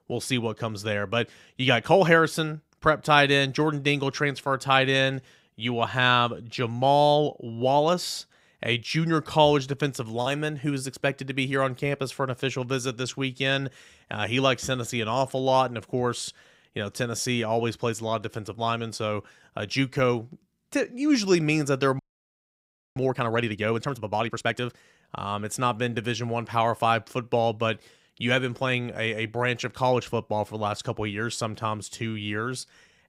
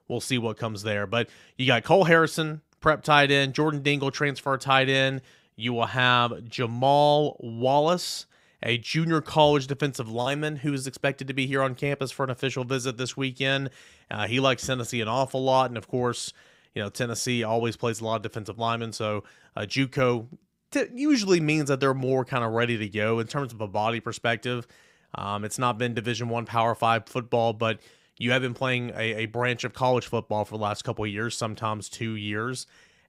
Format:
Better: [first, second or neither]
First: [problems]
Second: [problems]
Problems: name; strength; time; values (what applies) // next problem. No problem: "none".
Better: second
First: audio freezing; at 22 s for 1 s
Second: none